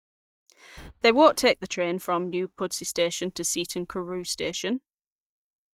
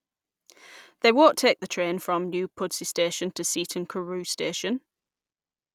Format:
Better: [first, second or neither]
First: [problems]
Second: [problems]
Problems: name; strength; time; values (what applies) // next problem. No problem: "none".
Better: second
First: noise reduction (neural mask model DeepFilterNet 3)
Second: none